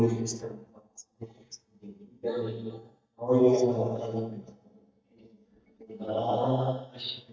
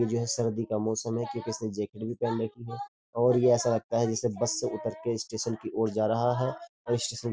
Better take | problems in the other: second | noise reduction (neural mask model DeepFilterNet 3)

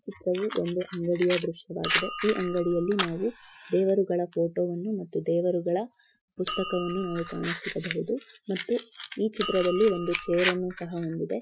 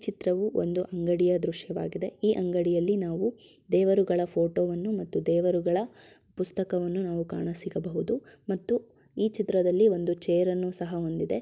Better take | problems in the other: second | noise reduction (classical method Wiener filter)

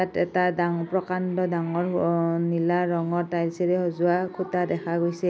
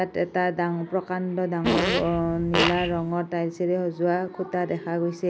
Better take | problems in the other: first | background sound (Fart); 1 dB below the speech

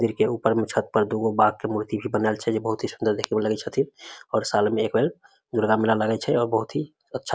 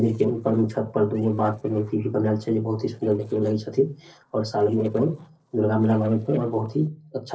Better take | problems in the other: first | noise reduction (neural separator model SepFormer DNS4)

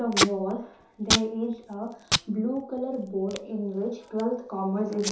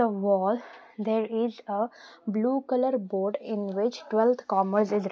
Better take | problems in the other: second | background sound (Packing tape, duct tape); 2 dB below the speech // room echo; dies away in 0.6 s

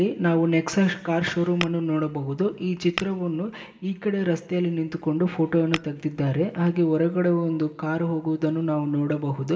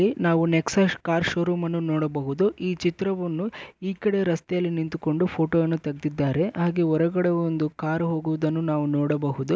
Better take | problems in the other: second | background sound (Tap / Glass); 12 dB below the speech // room echo; dies away in 0.9 s

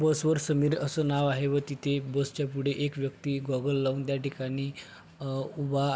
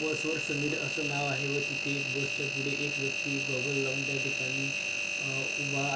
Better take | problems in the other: first | background sound (Engine); 3 dB above the speech // room echo; dies away in 0.3 s

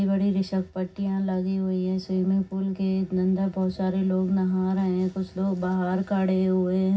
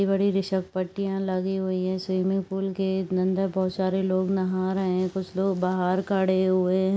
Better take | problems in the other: second | room echo; dies away in 0.4 s

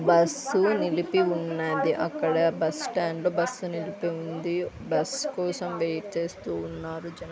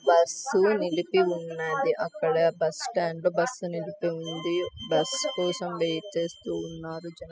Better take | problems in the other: first | noise reduction (classical method spectral subtraction)

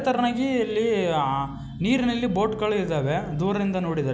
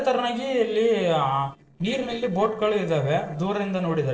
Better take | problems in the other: first | noise reduction (neural separator model SepFormer DNS4)

